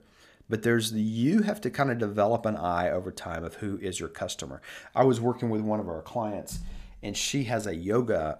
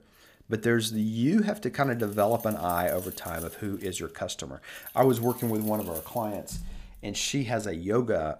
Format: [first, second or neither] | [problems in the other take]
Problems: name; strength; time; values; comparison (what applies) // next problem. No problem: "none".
first | jangling keys; noticeable; from 1 to 6.5 s; peak 9 dB below the speech